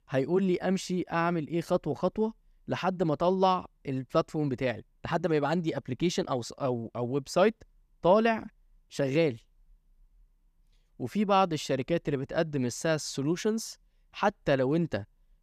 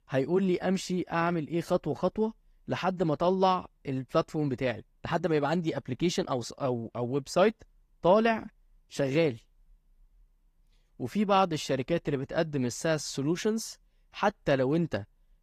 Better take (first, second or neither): first